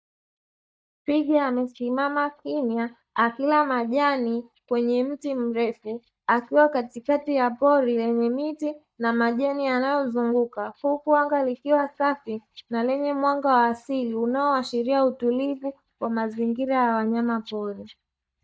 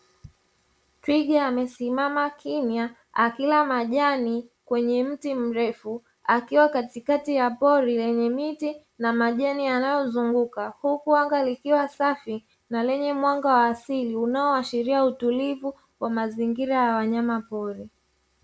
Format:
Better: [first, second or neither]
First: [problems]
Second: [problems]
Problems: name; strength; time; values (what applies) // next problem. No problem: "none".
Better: second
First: noise reduction (neural mask model DeepFilterNet 3)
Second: none